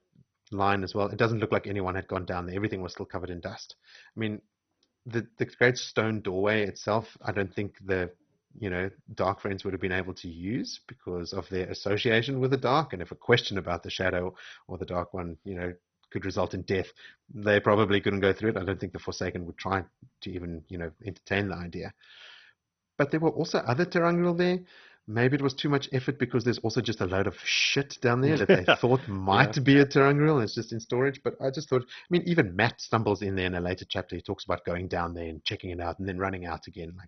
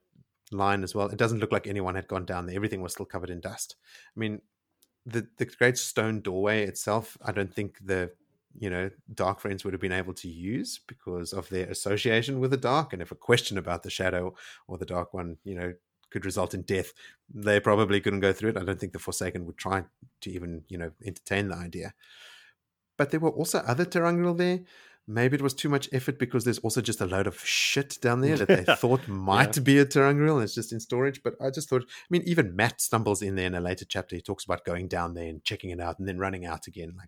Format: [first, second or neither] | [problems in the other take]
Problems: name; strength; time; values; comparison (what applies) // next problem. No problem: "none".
second | garbled, watery; badly; nothing above 6 kHz